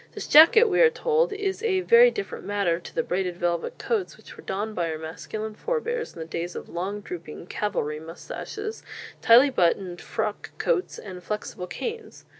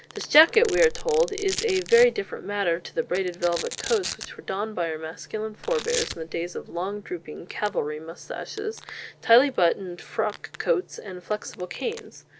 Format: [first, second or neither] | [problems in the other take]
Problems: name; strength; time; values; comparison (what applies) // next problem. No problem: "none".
first | background sound (Domestic sounds, home sounds); 14 dB below the speech